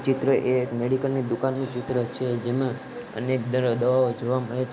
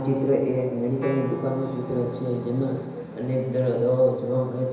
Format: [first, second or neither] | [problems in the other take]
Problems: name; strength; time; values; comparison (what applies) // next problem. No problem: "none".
first | background sound (Wind instrument, woodwind instrument); 15 dB below the speech // room echo; dies away in 1 s